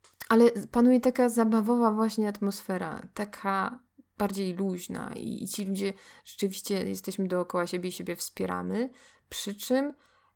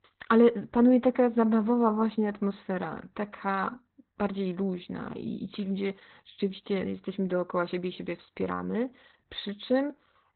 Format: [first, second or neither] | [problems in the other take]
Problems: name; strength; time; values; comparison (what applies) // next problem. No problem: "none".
first | garbled, watery; badly; nothing above 4 kHz; slightly in the first